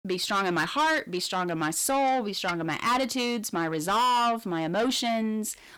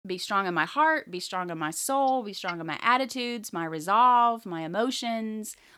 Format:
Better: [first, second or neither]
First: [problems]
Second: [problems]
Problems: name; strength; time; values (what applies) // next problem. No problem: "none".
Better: second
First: distortion; heavy; 6 dB below the speech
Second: none